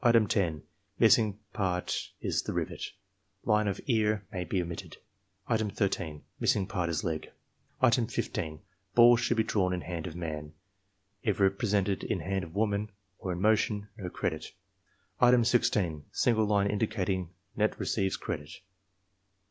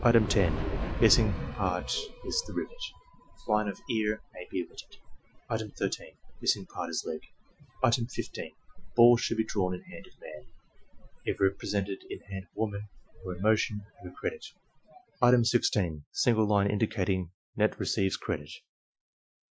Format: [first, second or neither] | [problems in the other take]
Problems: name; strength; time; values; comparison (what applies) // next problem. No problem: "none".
first | noise reduction (classical method Wiener filter)